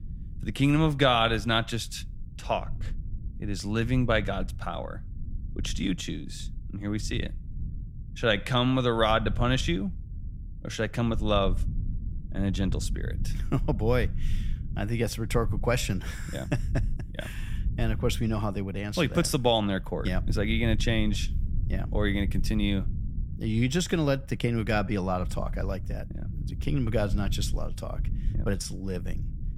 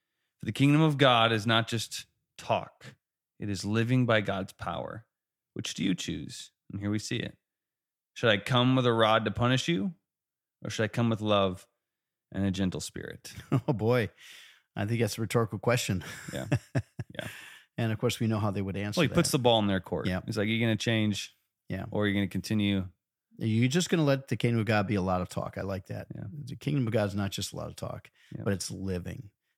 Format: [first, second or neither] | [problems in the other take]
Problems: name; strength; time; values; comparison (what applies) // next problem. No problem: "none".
second | low rumble; faint; throughout; 20 dB below the speech